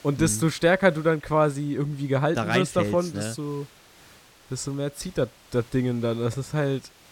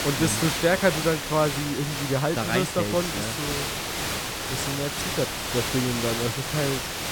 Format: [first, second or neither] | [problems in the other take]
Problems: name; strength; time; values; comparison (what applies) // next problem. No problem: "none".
first | hiss; loud; throughout; 1 dB below the speech; faint in the first